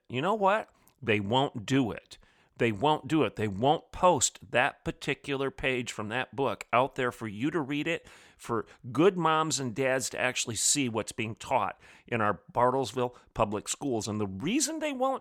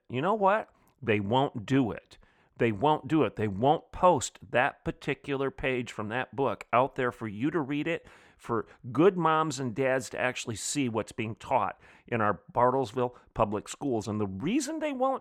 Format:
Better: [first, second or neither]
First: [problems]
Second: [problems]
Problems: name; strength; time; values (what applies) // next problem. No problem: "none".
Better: first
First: none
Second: muffled; slightly; fading above 2.5 kHz